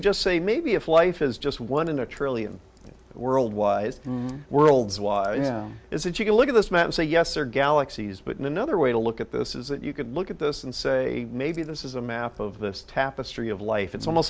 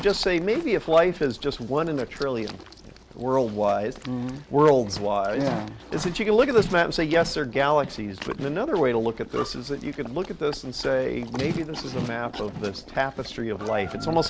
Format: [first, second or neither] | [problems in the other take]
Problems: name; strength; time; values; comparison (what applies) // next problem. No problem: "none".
first | background sound (Livestock, farm animals, working animals); 14 dB below the speech